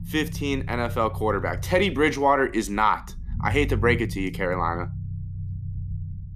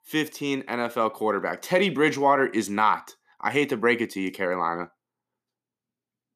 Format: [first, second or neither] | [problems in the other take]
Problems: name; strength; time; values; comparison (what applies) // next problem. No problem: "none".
second | low rumble; faint; throughout; 20 dB below the speech